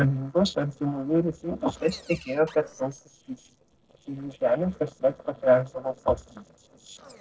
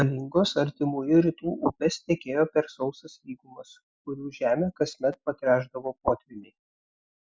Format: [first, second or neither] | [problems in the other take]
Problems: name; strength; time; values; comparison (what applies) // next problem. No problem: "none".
second | noise reduction (neural separator model SepFormer DNS4)